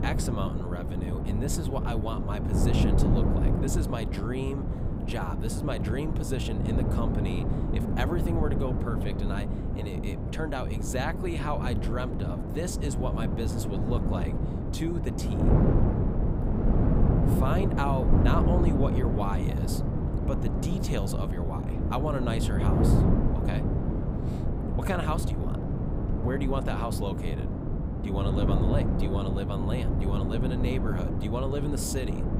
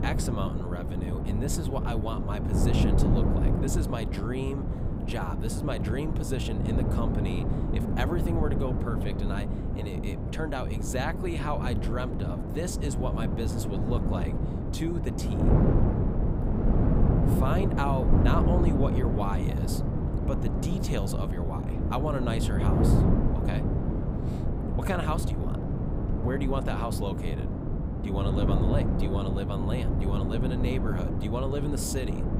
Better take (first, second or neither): neither